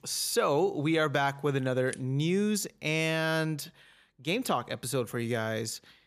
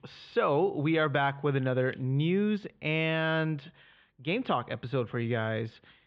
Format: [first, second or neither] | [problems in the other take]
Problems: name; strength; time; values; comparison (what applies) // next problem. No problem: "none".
first | muffled; very; fading above 3.5 kHz